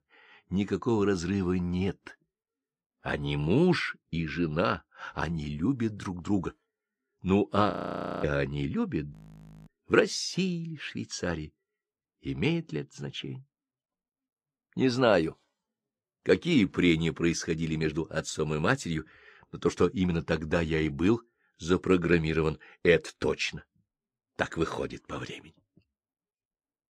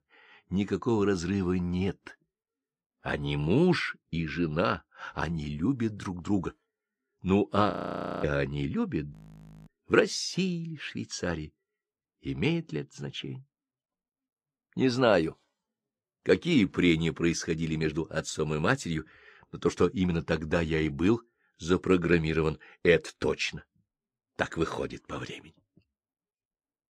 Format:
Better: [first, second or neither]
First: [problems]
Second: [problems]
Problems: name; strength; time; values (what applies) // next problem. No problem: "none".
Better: neither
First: audio freezing; at 7.5 s for 0.5 s and at 9 s for 0.5 s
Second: audio freezing; at 7.5 s for 0.5 s and at 9 s for 0.5 s